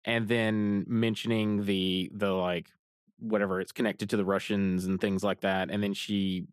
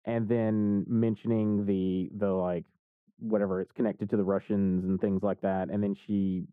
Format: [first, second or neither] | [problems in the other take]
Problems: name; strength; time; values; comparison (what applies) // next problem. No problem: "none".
first | muffled; very; fading above 2 kHz